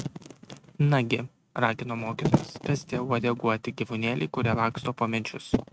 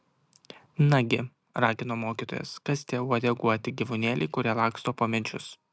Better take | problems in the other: second | noise reduction (neural mask model RNNoise)

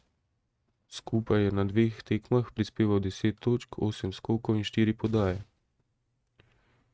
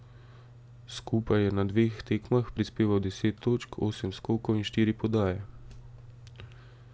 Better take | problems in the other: second | noise reduction (neural mask model RNNoise)

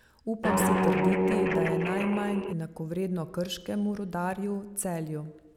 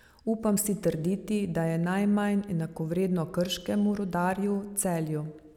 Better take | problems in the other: second | background sound (Guitar); 5 dB above the speech

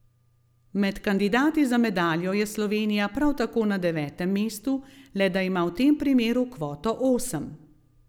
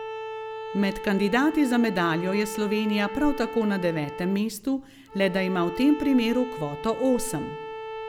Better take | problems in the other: first | background sound (Bowed string instrument); 10 dB below the speech

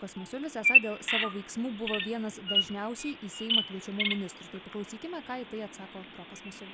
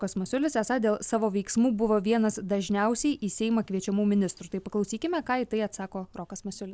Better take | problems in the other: second | background sound (Bird vocalization, bird call, bird song); 5 dB above the speech

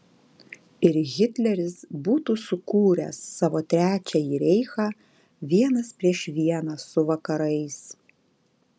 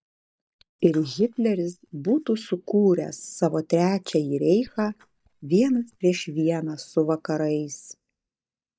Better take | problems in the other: first | noise reduction (neural mask model DeepFilterNet 3)

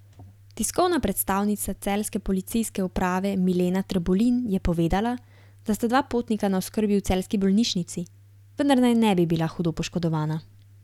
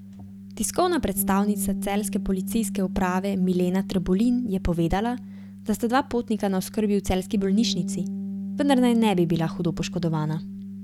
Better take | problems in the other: first | background sound (Bass guitar); 8 dB below the speech

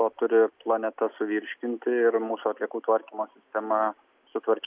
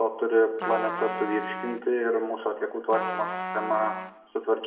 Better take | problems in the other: first | background sound (Trumpet); 7 dB below the speech // room echo; dies away in 0.6 s

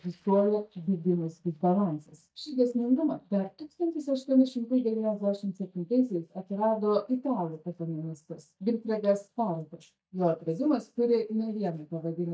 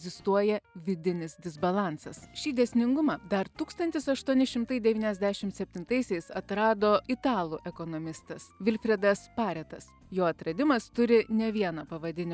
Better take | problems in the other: second | noise reduction (neural mask model DeepFilterNet 3)

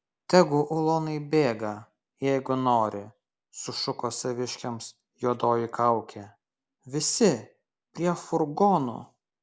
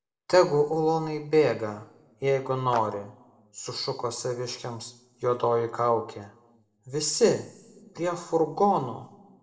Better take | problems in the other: first | noise reduction (neural separator model SepFormer DNS4)

